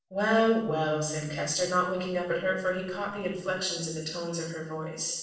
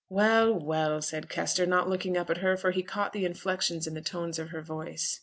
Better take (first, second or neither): second